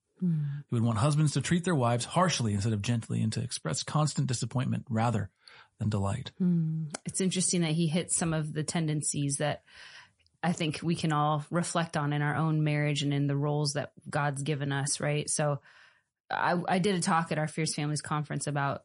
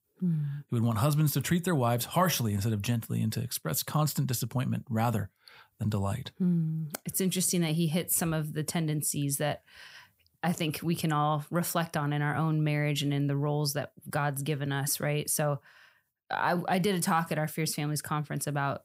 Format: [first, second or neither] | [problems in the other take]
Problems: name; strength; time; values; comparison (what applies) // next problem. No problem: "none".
second | garbled, watery; slightly; nothing above 10.5 kHz